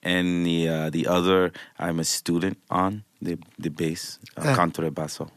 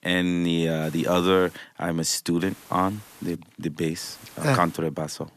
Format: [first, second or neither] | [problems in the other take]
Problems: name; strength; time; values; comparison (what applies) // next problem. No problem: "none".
first | hiss; faint; at 1 s, at 2.5 s and at 4 s; 20 dB below the speech